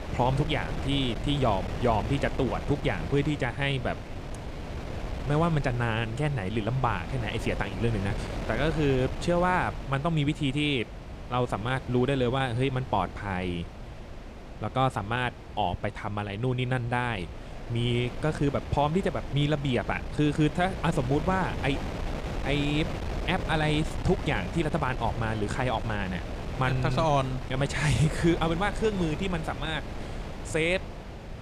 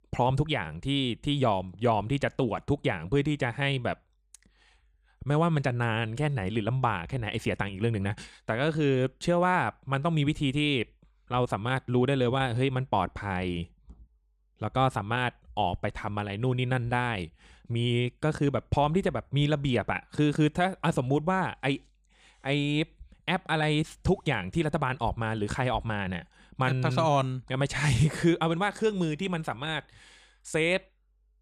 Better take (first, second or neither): second